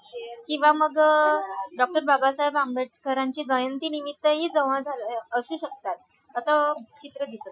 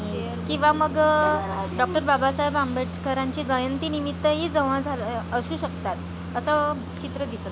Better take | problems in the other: second | noise reduction (classical method Wiener filter)

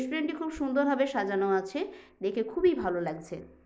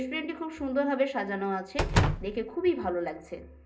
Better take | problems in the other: first | background sound (Slam); as loud as the speech // room echo; dies away in 0.2 s

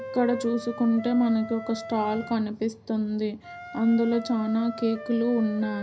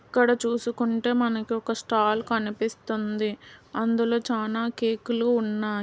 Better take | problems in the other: second | background sound (Wind instrument, woodwind instrument); 14 dB below the speech // room echo; dies away in 0.4 s

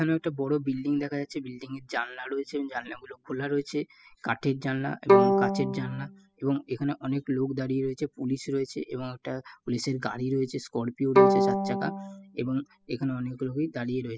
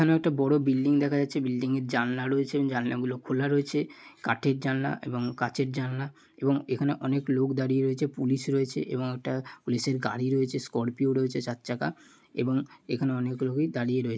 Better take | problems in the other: second | noise reduction (classical method spectral subtraction)

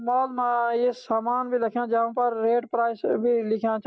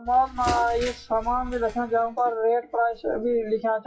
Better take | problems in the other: first | noise reduction (classical method WPE with log-MMSE)

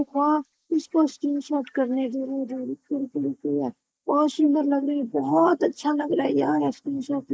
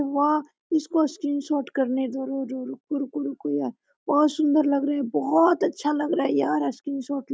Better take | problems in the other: second | noise reduction (neural mask model Resemble Enhance denoiser)

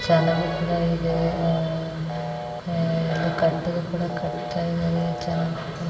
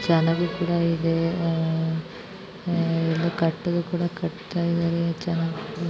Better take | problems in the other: second | background sound (Telephone); 11 dB below the speech // room echo; dies away in 2 s

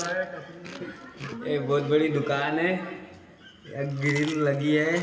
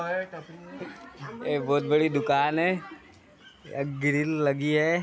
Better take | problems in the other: second | background sound (Chewing, mastication); 19 dB below the speech // room echo; dies away in 1.8 s

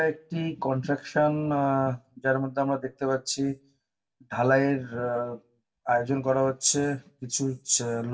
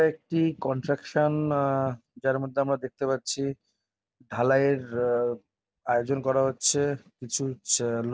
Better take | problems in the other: second | room echo; dies away in 0.2 s

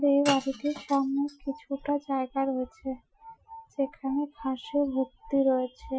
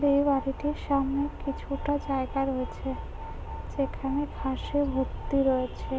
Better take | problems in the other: second | noise reduction (classical method Wiener filter)

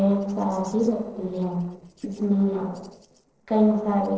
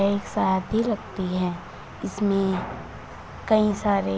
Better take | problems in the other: second | noise reduction (neural separator model SepFormer DNS4)

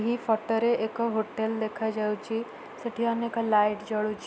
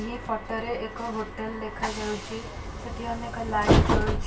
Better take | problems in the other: first | background sound (Train); 4 dB above the speech // room echo; dies away in 0.2 s

